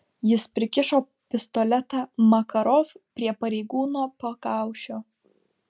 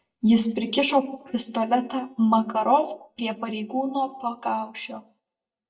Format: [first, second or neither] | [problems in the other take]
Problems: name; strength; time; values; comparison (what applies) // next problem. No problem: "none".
first | noise reduction (neural mask model DeepFilterNet 3)